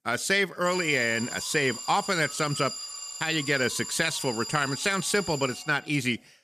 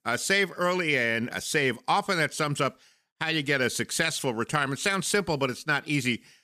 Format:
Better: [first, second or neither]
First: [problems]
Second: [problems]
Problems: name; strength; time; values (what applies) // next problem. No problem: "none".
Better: second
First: alarm; noticeable; from 0.5 to 6 s; peak 7 dB below the speech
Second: none